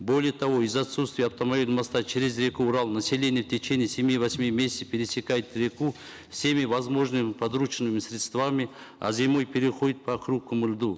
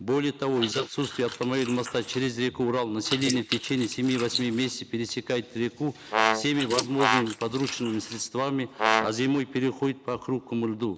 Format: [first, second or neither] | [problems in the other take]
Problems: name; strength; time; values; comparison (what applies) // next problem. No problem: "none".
first | noise reduction (neural mask model Resemble Enhance denoiser)